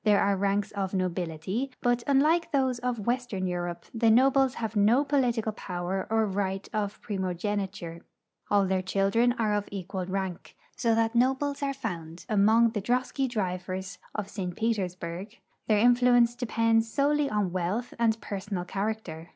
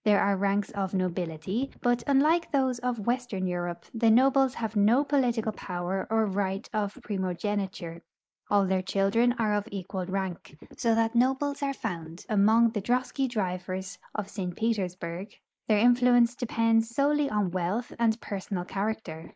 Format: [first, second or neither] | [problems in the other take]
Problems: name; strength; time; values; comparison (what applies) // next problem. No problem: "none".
first | noise reduction (neural mask model Resemble Enhance denoiser)